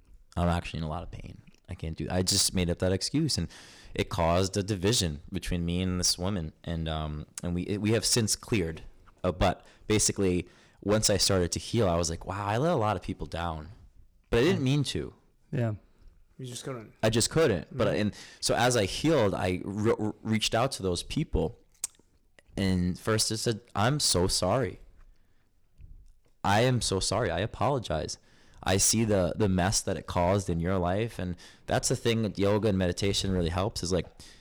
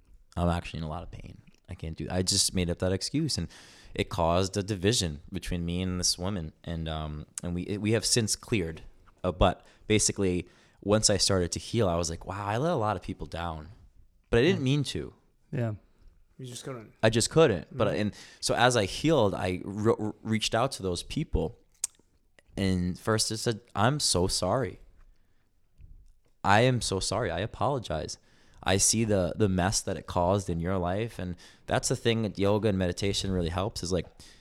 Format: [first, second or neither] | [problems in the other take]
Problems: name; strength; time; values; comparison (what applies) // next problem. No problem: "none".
second | distortion; slight; 4% of the sound clipped